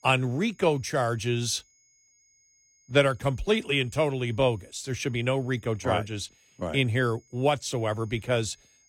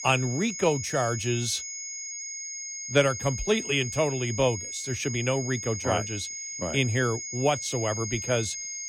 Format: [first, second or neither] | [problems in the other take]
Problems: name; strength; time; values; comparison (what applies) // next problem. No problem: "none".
first | high-pitched whine; loud; throughout; 6.5 kHz, 6 dB below the speech; faint in the first